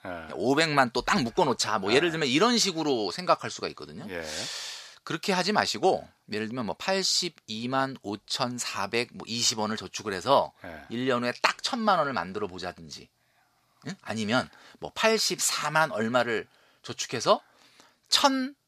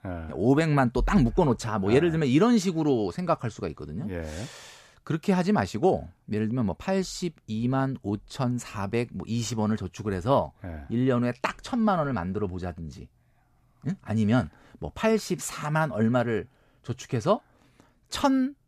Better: second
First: thin; somewhat; fading below 950 Hz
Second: none

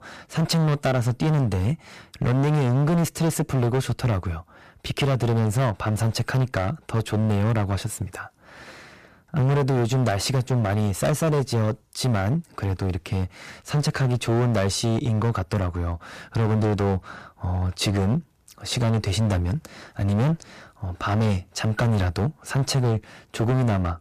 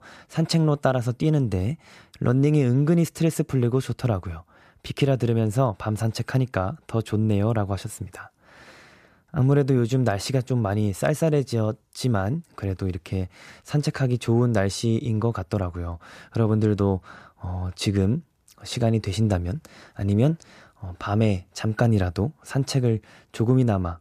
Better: second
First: distortion; heavy; 17% of the sound clipped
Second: none

